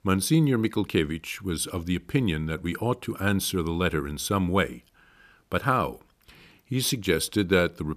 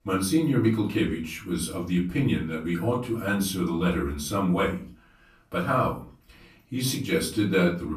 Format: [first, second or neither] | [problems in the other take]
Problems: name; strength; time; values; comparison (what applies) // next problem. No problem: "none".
first | off-mic speech; far // room echo; slight; dies away in 0.3 s